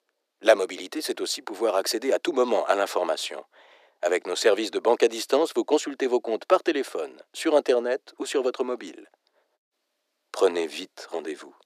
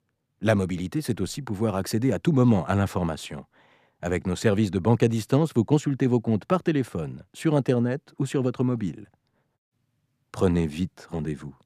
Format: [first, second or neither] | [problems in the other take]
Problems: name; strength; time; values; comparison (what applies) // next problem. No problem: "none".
second | thin; very; fading below 350 Hz